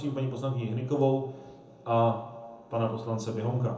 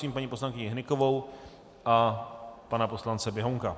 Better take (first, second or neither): second